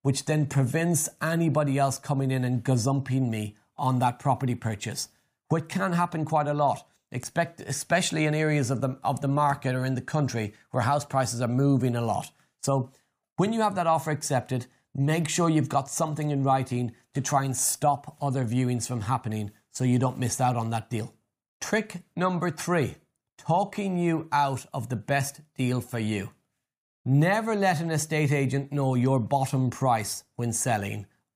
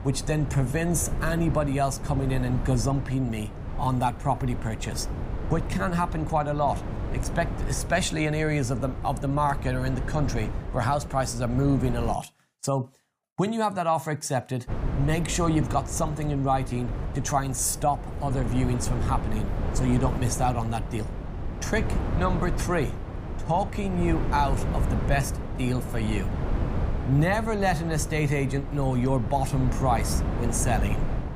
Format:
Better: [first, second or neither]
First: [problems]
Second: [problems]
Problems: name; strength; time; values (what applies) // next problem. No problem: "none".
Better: first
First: none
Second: wind noise on the microphone; occasional gusts; until 12 s and from 15 s on; 10 dB below the speech